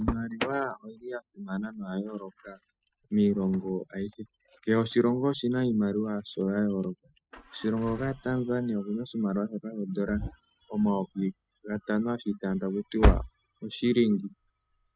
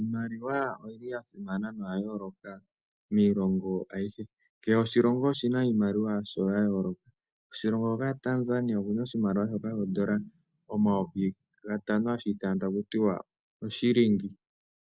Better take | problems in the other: second | noise reduction (classical method spectral subtraction)

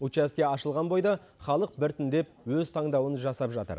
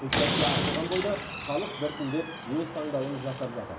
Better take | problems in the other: first | background sound (Slam); 1 dB below the speech // room echo; dies away in 0.7 s

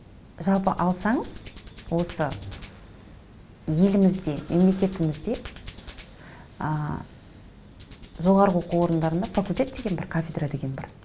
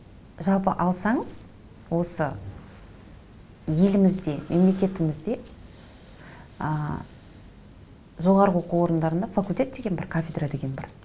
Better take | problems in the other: second | background sound (Hands); 20 dB below the speech

